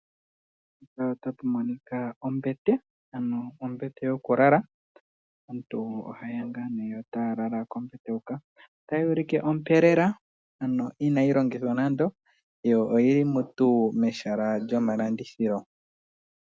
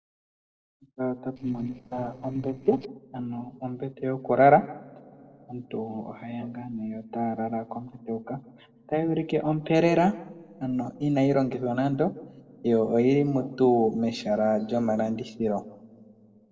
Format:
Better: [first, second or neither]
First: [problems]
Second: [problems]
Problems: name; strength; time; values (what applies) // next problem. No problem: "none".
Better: first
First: none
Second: noise reduction (neural separator model SepFormer DNS4)